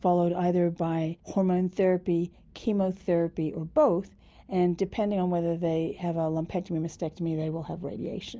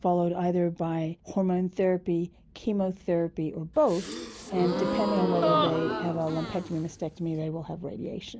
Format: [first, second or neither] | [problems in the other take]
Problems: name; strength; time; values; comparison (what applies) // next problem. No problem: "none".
first | background sound (Gasp); 2 dB below the speech